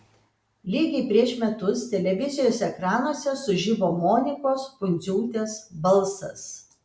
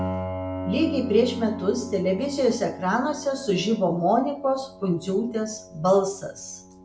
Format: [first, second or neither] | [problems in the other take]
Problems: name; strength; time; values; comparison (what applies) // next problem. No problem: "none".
first | background sound (Piano); 11 dB below the speech